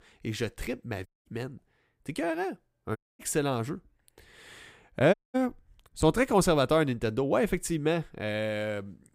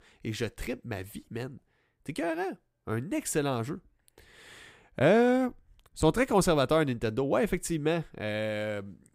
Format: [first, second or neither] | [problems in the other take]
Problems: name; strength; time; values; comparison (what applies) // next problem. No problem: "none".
second | audio cutting out; at 1 s, at 3 s and at 5 s